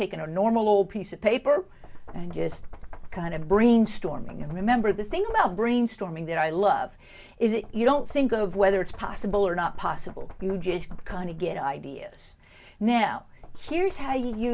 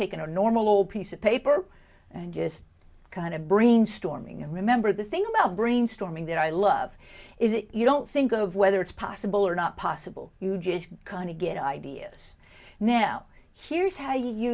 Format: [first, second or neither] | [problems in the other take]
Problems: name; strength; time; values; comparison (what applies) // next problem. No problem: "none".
second | background sound (Knock); 10 dB below the speech